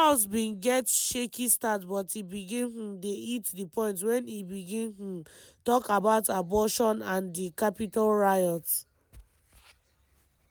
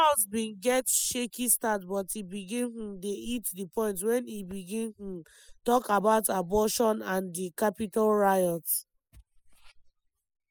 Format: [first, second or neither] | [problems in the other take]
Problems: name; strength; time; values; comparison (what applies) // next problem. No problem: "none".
first | noise reduction (classical method spectral subtraction)